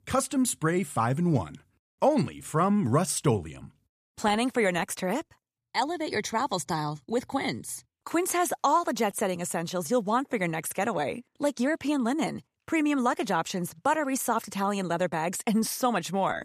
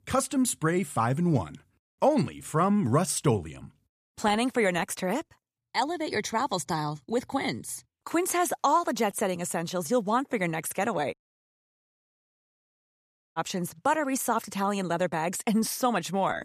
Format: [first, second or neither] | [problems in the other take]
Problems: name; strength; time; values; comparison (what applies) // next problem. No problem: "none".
first | audio cutting out; at 11 s for 2 s